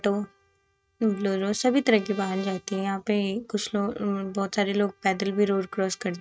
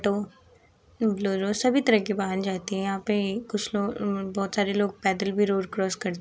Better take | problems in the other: second | noise reduction (neural mask model RNNoise)

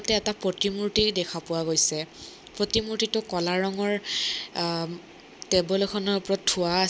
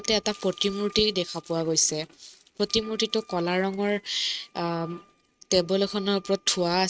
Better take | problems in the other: first | noise reduction (neural mask model RNNoise)

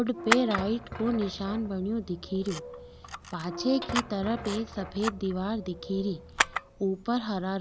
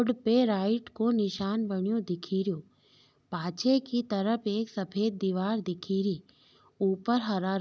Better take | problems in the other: second | background sound (Squeak / Thump, thud + Camera); 5 dB below the speech

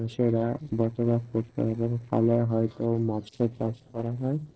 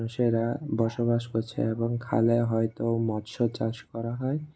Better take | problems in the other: second | noise reduction (neural separator model SepFormer DNS4)

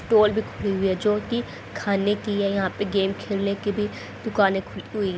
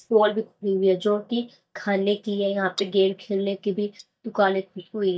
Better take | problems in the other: first | noise reduction (neural mask model DeepFilterNet 3)

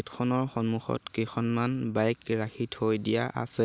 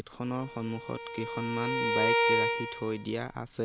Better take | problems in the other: first | background sound (Bowed string instrument); 3 dB above the speech

